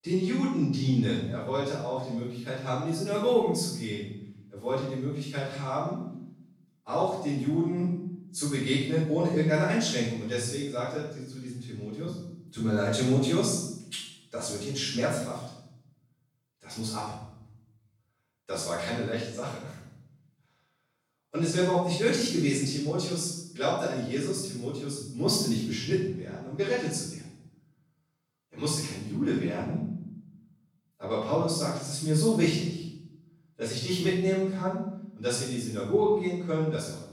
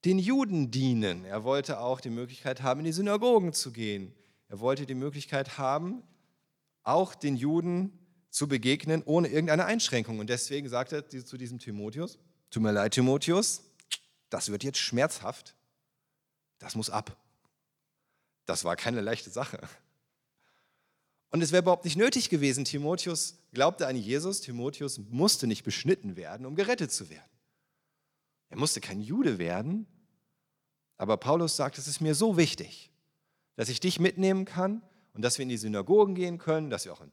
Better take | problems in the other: second | off-mic speech; far // room echo; strong; dies away in 0.8 s

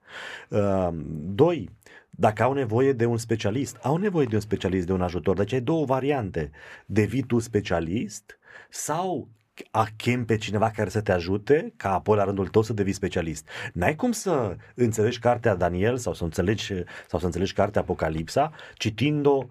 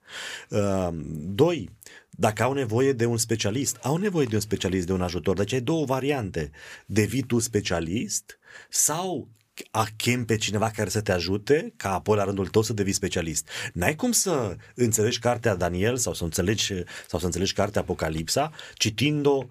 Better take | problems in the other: second | muffled; slightly; fading above 3.5 kHz

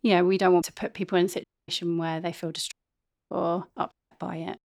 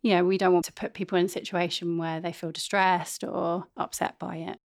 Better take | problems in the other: second | audio cutting out; at 1.5 s, at 2.5 s for 0.5 s and at 4 s

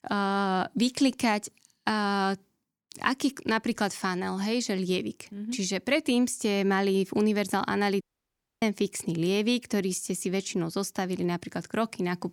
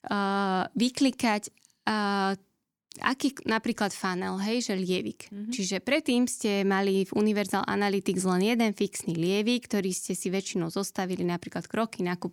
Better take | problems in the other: second | audio cutting out; at 8 s for 0.5 s

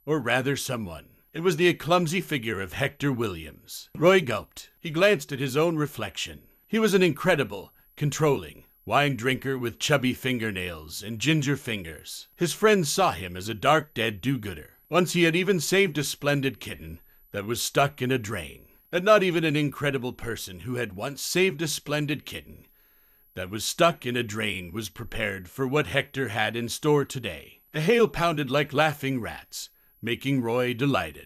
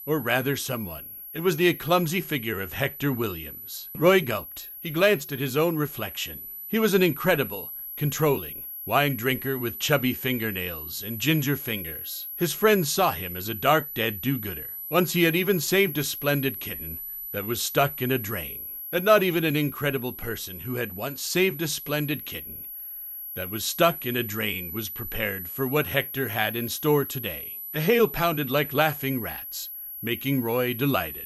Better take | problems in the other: first | high-pitched whine; loud; throughout; 11.5 kHz, 9 dB below the speech; faint in the first

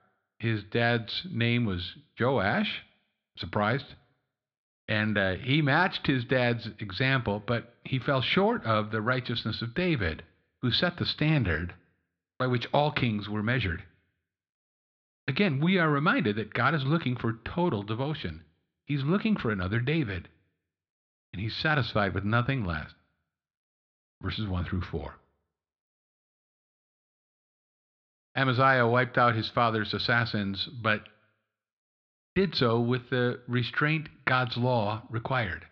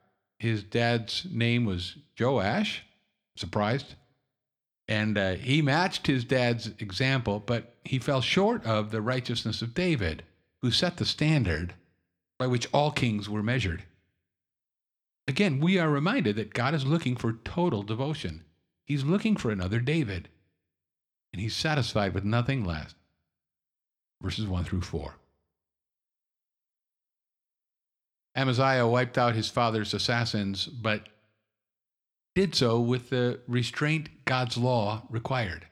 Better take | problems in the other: second | muffled; very slightly; fading above 4 kHz

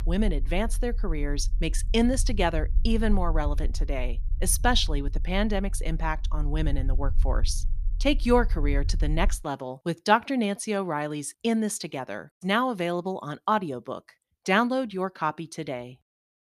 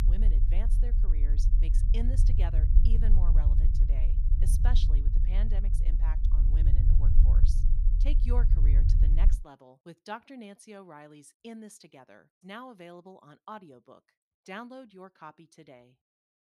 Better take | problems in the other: first | low rumble; loud; until 9.5 s; 2 dB below the speech; faint in the first

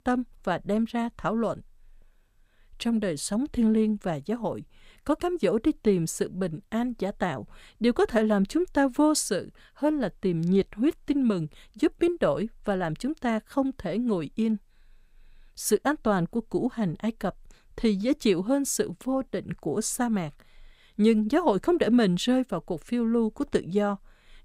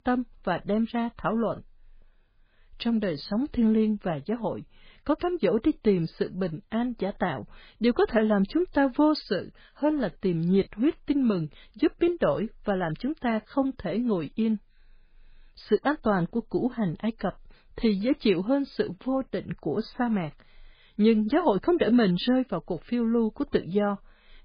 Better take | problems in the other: first | garbled, watery; badly; nothing above 4 kHz

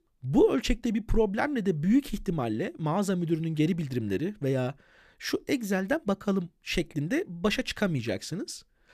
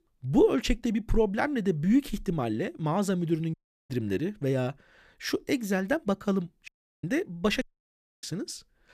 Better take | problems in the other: first | audio cutting out; at 3.5 s, at 6.5 s and at 7.5 s for 0.5 s

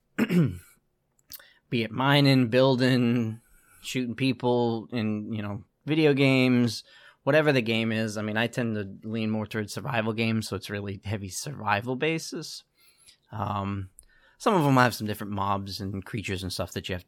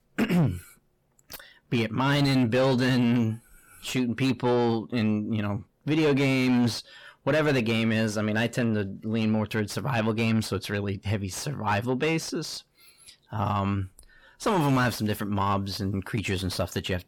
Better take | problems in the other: first | distortion; heavy; 7 dB below the speech

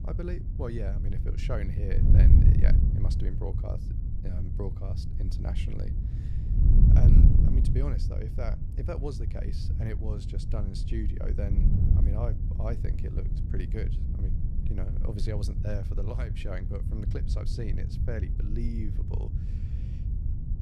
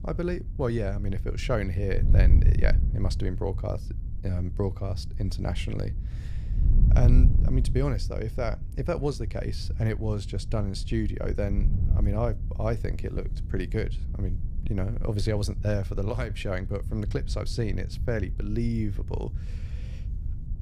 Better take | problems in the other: second | wind noise on the microphone; heavy; 1 dB below the speech; occasional gusts in the second

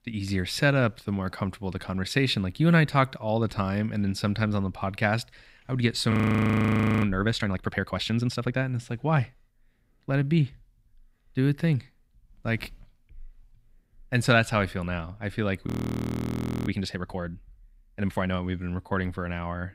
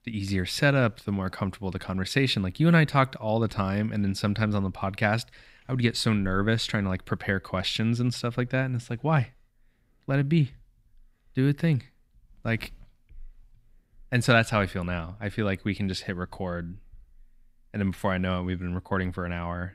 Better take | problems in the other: second | audio freezing; at 6 s for 1 s and at 16 s for 1 s

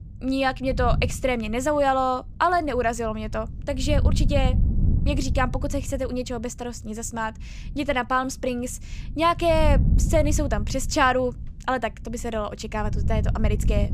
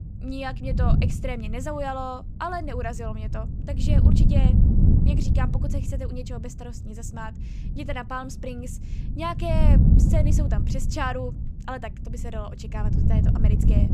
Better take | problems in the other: first | wind noise on the microphone; heavy; 3 dB below the speech; occasional gusts in the first

